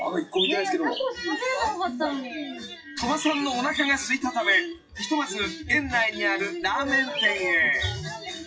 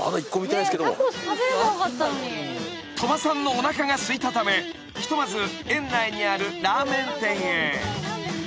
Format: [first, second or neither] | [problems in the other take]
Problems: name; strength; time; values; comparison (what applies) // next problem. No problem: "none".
second | noise reduction (classical method WPE with log-MMSE)